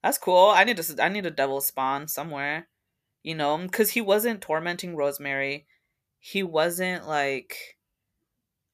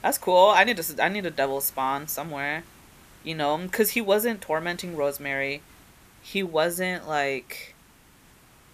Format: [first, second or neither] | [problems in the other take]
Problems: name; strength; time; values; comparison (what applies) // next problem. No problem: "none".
first | hiss; faint; throughout; 25 dB below the speech